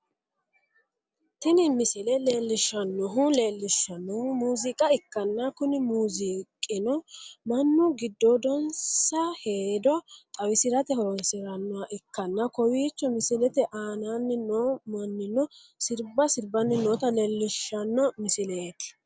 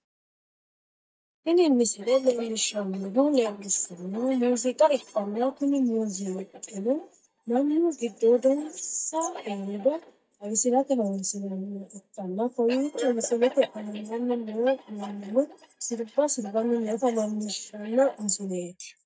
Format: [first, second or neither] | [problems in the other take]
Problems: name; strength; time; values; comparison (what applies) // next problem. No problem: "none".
first | noise reduction (neural mask model DeepFilterNet 3)